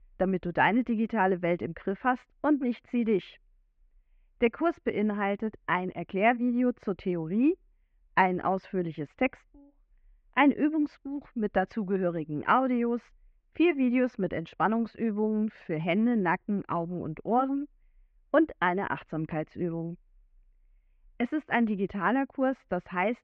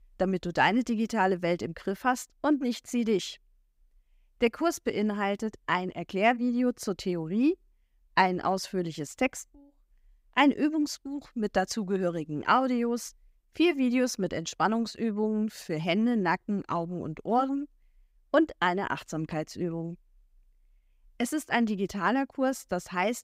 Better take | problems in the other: second | muffled; very; fading above 2.5 kHz

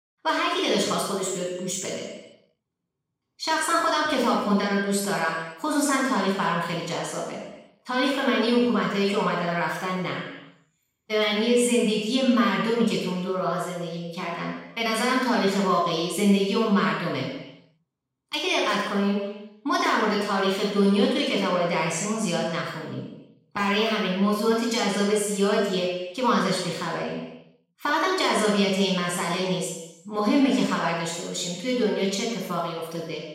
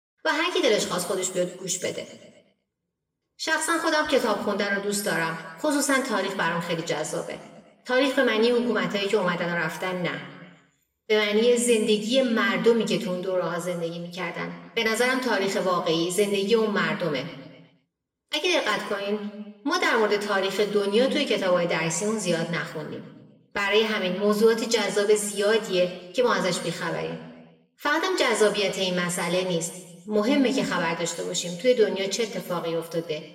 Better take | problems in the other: second | room echo; strong; dies away in 0.9 s; slight in the second // off-mic speech; far; somewhat distant in the second

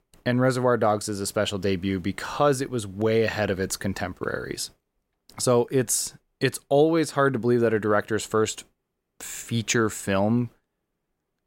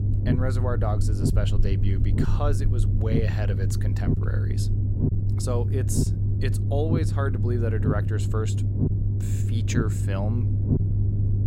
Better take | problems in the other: first | low rumble; loud; throughout; 2 dB below the speech

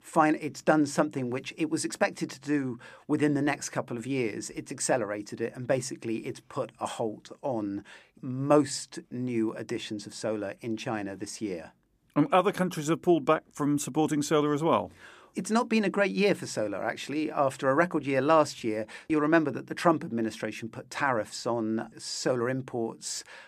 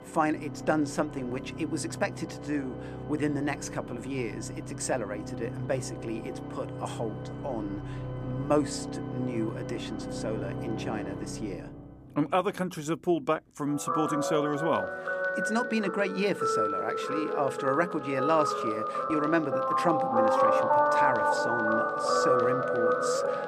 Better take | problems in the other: first | background music; very loud; throughout; 1 dB above the speech

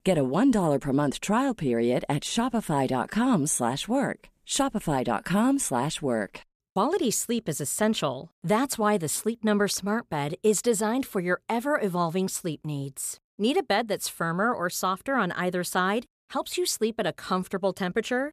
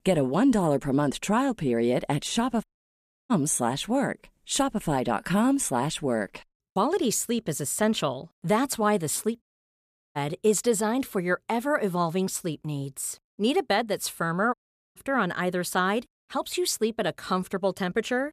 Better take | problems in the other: first | audio cutting out; at 2.5 s for 0.5 s, at 9.5 s for 0.5 s and at 15 s

